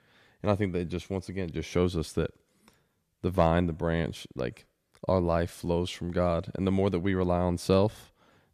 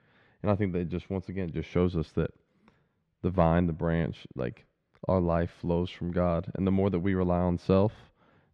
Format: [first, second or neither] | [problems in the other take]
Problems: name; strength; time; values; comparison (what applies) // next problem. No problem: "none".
first | muffled; slightly; fading above 2.5 kHz